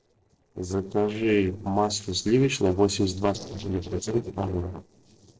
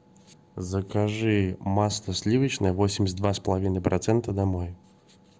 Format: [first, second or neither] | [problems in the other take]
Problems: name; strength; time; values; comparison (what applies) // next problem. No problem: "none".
second | noise reduction (neural separator model SepFormer DNS4)